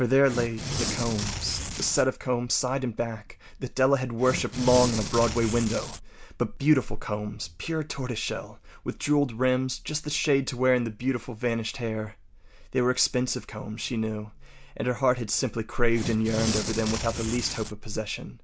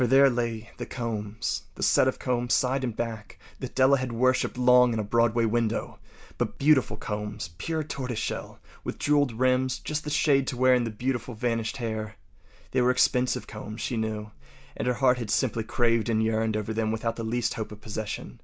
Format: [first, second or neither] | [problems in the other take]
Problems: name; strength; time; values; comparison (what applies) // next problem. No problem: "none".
second | background sound (Tearing); 5 dB below the speech